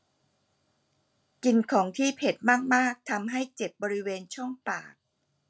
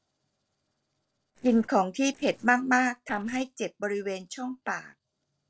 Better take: first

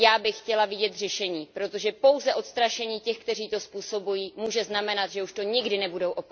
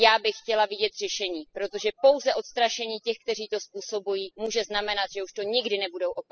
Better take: first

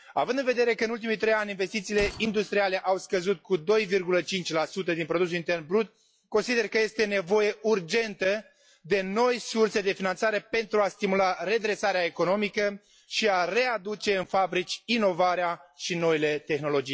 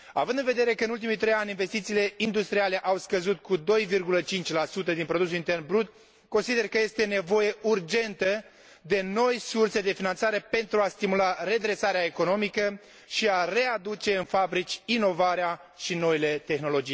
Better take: second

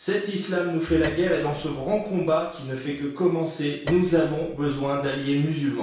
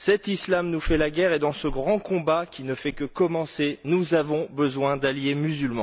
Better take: second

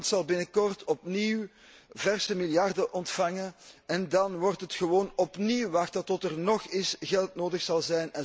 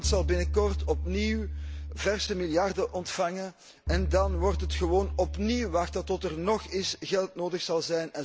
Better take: first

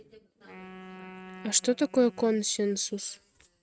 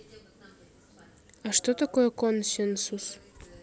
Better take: second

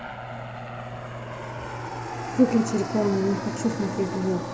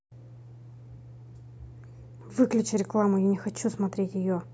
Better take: second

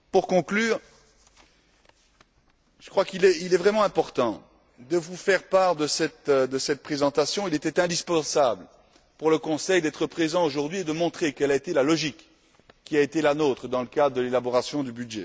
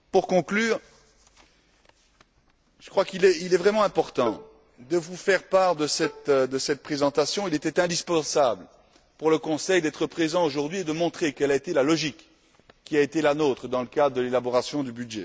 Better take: first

